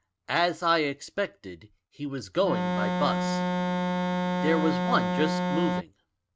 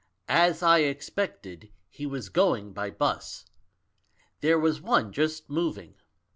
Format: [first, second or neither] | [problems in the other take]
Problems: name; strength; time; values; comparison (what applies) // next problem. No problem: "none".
second | noise reduction (neural mask model RNNoise)